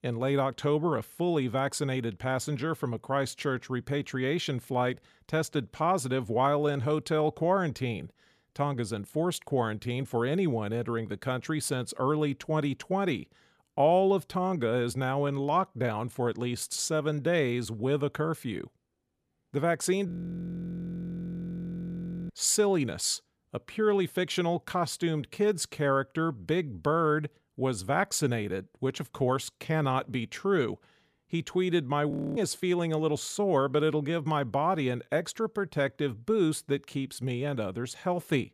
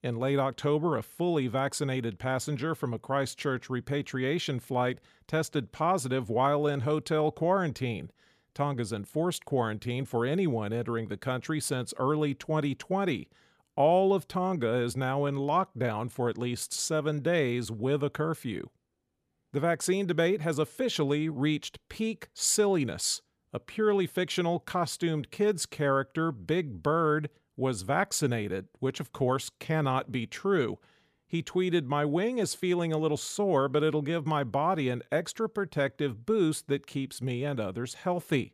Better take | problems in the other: second | audio freezing; at 20 s for 2 s and at 32 s

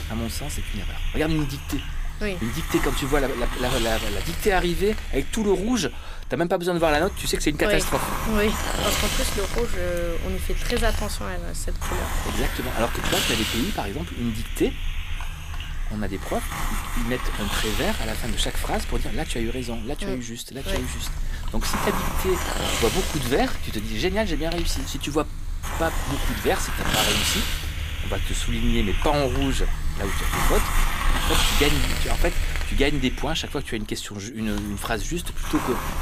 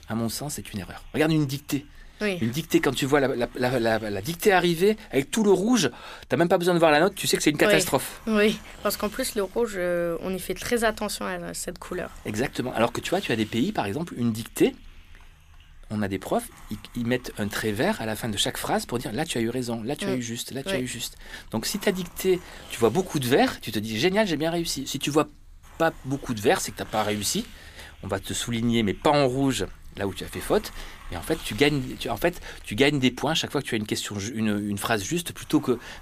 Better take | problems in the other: second | hiss; loud; throughout; 1 dB below the speech; faint in the second

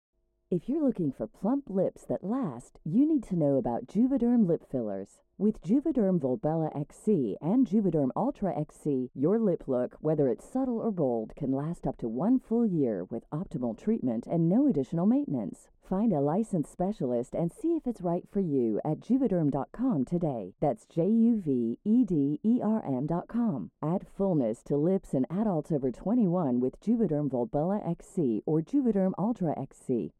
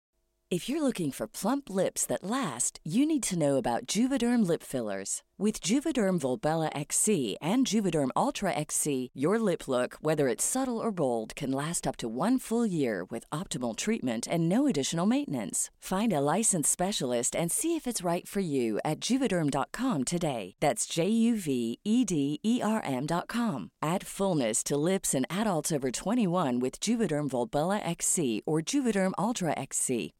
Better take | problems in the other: second | muffled; very; fading above 1.5 kHz

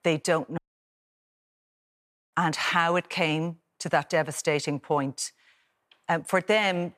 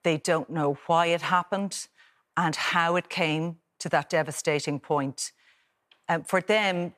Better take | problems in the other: second | audio cutting out; at 0.5 s for 2 s

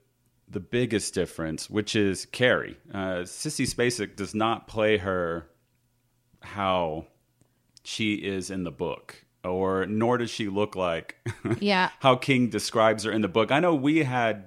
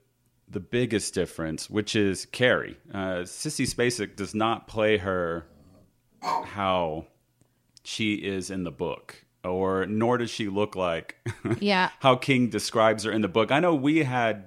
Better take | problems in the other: first | dog barking; noticeable; at 6 s; peak 4 dB below the speech

